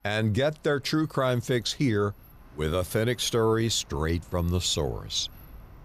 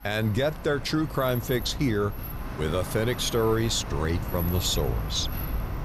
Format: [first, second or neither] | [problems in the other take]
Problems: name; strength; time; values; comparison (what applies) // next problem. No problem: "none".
first | traffic noise; loud; throughout; 8 dB below the speech; faint in the first